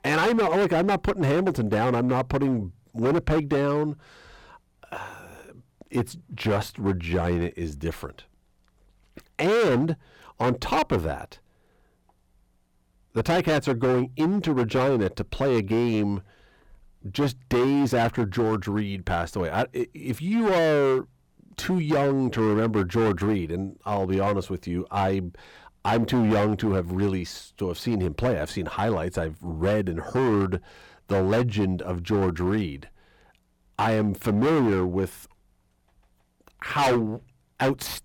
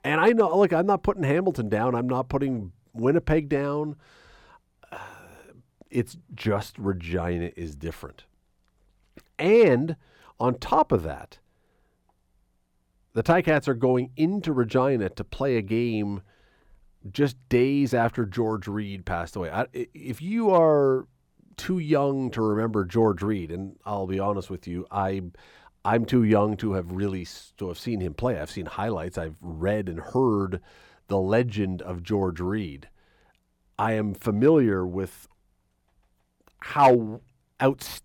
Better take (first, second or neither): second